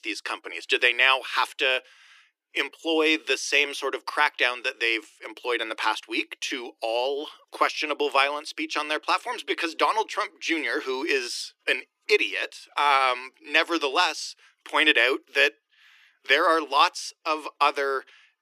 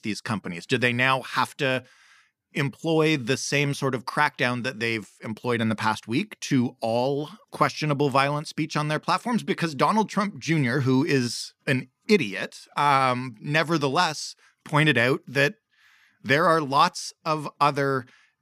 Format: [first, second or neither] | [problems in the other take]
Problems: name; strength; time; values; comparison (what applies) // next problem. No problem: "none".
second | thin; very; fading below 300 Hz